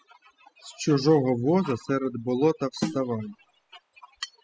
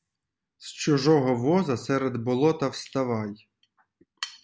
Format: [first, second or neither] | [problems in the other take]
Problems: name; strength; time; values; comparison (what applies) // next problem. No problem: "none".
second | noise reduction (classical method spectral subtraction)